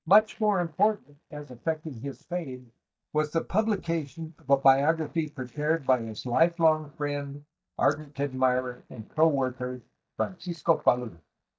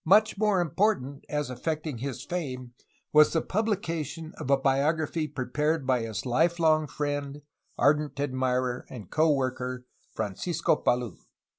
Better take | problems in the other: second | noise reduction (neural mask model DeepFilterNet 3)

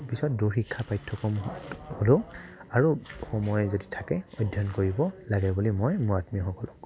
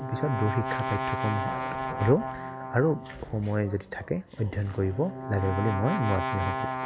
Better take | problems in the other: first | background sound (Brass instrument); 5 dB below the speech

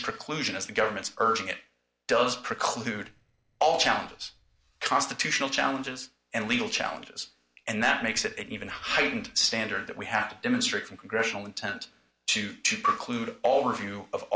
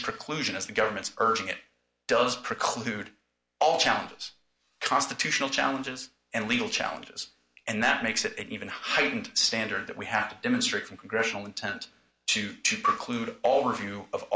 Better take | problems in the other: second | noise reduction (neural separator model SepFormer DNS4)

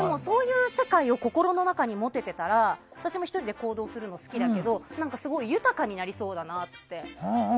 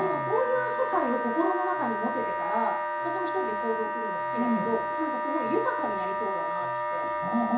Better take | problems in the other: first | background sound (Wind instrument, woodwind instrument); as loud as the speech // room echo; dies away in 0.7 s

